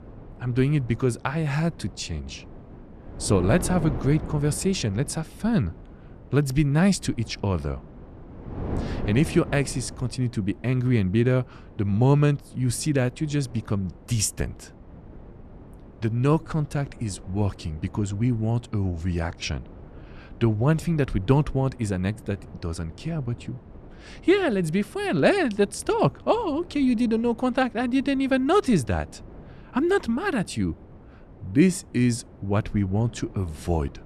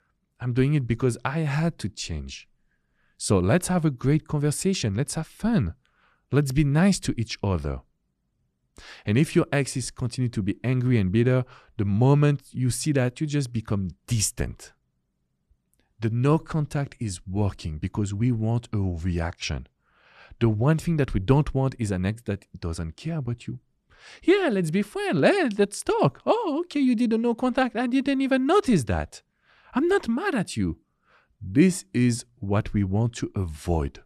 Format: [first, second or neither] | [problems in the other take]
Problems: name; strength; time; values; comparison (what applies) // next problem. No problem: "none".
second | wind noise on the microphone; occasional gusts; 20 dB below the speech